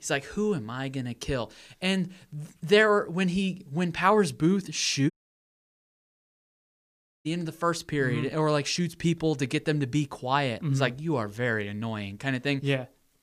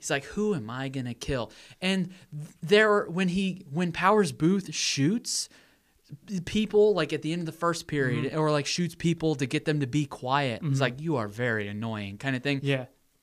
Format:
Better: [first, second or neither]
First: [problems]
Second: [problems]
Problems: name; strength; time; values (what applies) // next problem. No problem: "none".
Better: second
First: audio cutting out; at 5 s for 2 s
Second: none